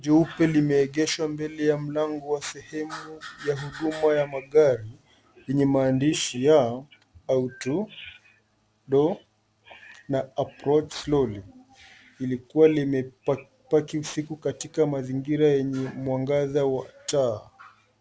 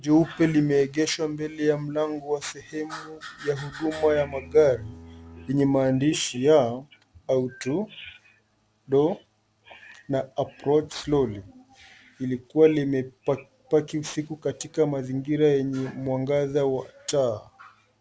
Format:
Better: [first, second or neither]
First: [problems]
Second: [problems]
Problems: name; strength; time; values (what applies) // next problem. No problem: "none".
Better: first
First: none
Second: background sound (Bowed string instrument); 19 dB below the speech